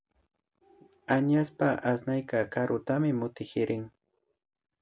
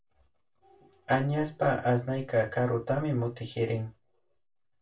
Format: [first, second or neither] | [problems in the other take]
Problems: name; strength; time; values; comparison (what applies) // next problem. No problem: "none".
first | room echo; dies away in 0.2 s